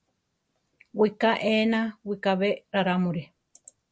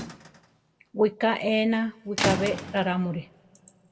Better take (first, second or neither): first